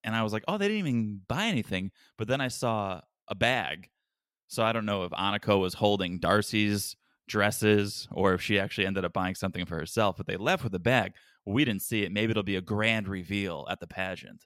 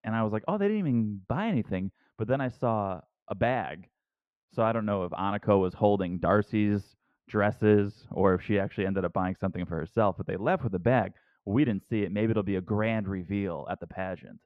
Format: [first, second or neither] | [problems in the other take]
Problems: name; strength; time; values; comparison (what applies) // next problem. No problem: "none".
first | muffled; very; fading above 3 kHz